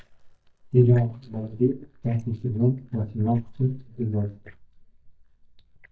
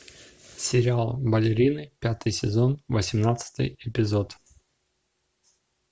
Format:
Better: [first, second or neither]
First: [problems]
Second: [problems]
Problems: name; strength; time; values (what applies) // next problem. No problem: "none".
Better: second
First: noise reduction (neural mask model DeepFilterNet 3)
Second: none